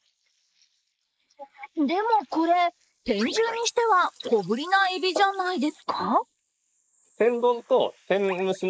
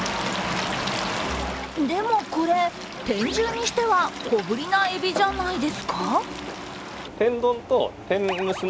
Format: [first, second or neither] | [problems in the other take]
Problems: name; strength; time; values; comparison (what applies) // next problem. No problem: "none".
second | noise reduction (neural mask model Resemble Enhance denoiser)